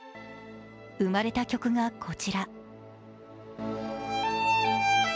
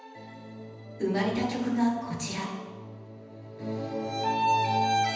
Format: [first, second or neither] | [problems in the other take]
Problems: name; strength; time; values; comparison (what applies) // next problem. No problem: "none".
first | room echo; dies away in 1.1 s